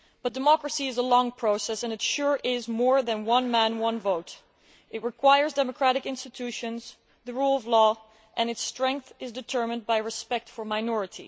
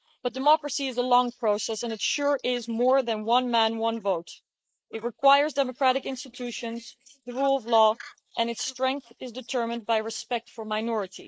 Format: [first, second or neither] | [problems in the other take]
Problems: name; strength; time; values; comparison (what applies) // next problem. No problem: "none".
first | noise reduction (neural mask model Resemble Enhance denoiser)